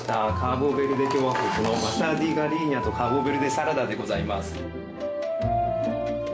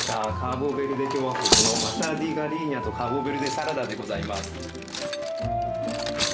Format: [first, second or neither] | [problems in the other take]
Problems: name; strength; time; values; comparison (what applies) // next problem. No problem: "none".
first | background sound (Cutlery, silverware); 3 dB below the speech